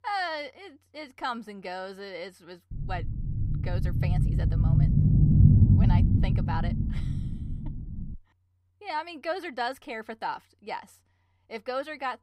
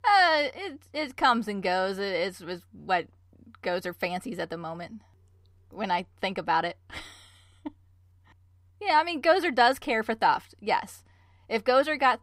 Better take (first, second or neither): second